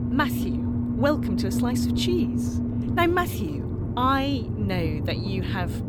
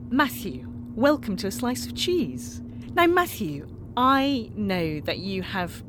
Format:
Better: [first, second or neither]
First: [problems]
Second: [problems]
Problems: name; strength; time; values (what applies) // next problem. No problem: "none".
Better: second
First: low rumble; loud; throughout; 7 dB below the speech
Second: low rumble; faint; throughout; 20 dB below the speech